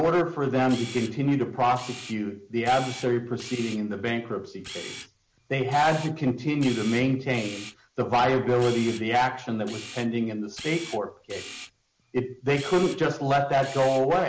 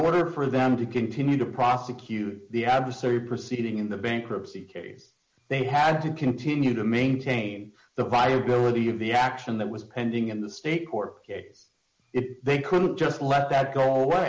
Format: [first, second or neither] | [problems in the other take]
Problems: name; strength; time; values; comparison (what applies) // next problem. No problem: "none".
second | background sound (Camera); 17 dB below the speech